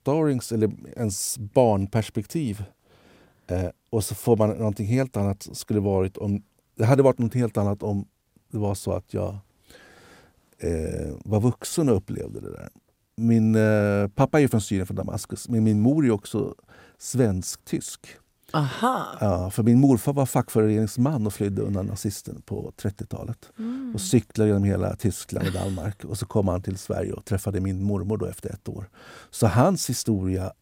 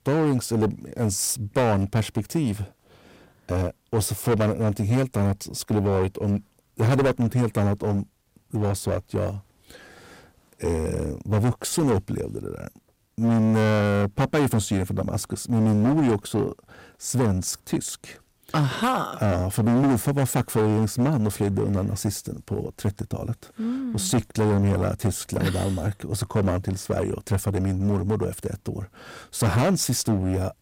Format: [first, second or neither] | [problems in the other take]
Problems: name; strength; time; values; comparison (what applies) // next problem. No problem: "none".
first | distortion; heavy; 11% of the sound clipped